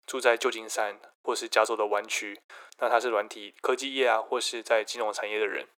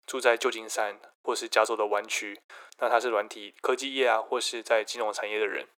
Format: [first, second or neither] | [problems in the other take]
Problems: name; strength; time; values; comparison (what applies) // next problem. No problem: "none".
neither | thin; very; fading below 400 Hz; the same in both